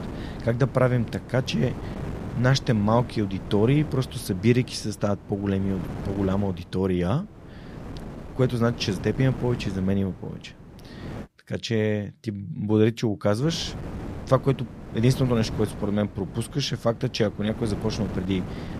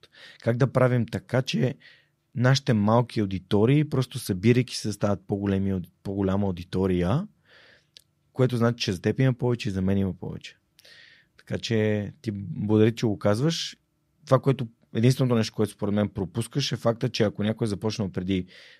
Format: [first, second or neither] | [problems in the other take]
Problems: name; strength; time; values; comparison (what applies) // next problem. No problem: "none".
second | wind noise on the microphone; occasional gusts; until 11 s and from 13 s on; 15 dB below the speech